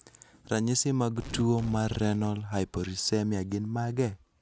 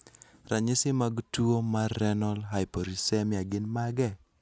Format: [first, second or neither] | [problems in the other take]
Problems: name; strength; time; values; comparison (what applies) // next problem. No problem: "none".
second | background sound (Tearing); 17 dB below the speech